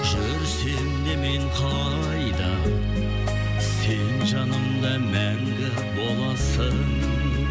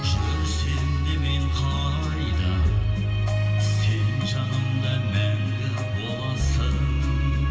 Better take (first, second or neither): first